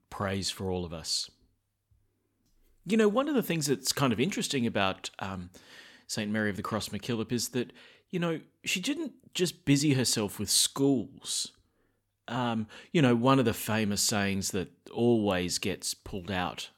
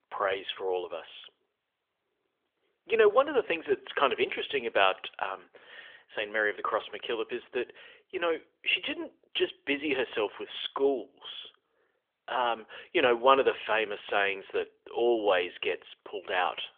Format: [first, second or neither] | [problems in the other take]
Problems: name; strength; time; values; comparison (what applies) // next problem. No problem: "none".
first | phone-call audio; nothing above 3.5 kHz